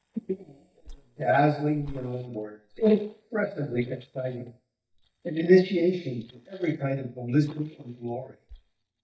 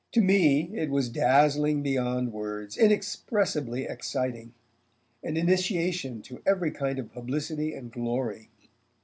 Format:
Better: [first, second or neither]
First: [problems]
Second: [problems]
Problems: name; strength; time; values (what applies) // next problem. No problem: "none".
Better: second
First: noise reduction (neural mask model DeepFilterNet 3)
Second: none